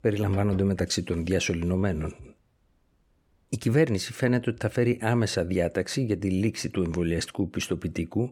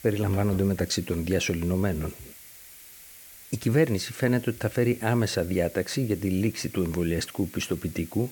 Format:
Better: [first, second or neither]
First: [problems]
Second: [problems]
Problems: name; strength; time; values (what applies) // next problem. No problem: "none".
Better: first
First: none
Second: hiss; noticeable; throughout; 20 dB below the speech